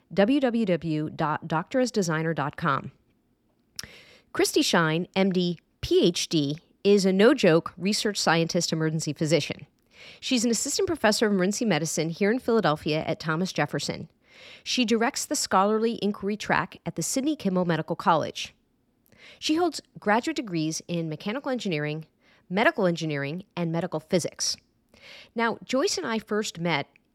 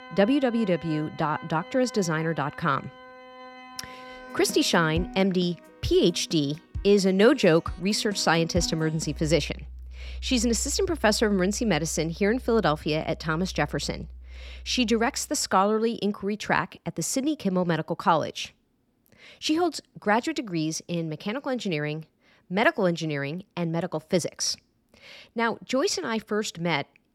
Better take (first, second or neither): first